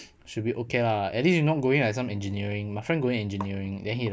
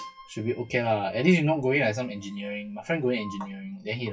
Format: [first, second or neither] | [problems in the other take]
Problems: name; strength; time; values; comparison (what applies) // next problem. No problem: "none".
first | noise reduction (classical method WPE with log-MMSE)